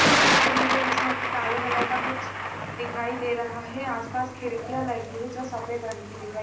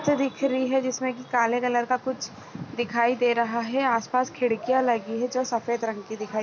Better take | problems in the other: second | background sound (Thunder); 4 dB above the speech // room echo; dies away in 0.6 s

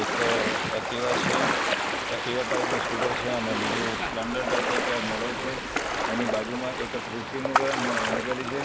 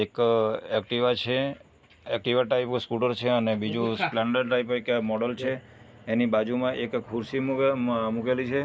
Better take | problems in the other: second | background sound (Ocean); 4 dB above the speech

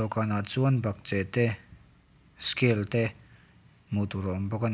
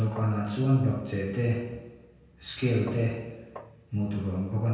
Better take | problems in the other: first | background sound (Tap); 20 dB below the speech // room echo; dies away in 1.2 s

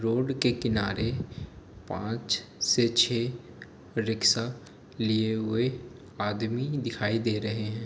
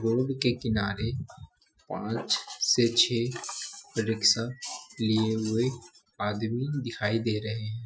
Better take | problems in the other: first | noise reduction (classical method Wiener filter)

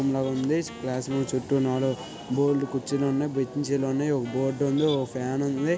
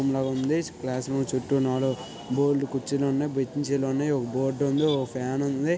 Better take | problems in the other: second | background sound (Wind instrument, woodwind instrument); 20 dB below the speech

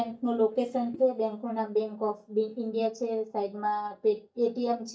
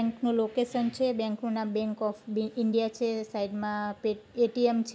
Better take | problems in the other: second | noise reduction (neural mask model DeepFilterNet 3)

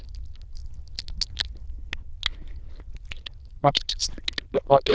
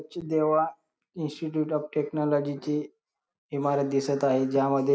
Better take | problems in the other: second | noise reduction (neural diffusion model UNIVERSE++)

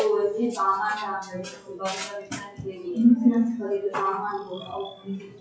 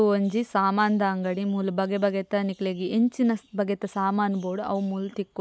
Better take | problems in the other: second | noise reduction (classical method WPE with log-MMSE)

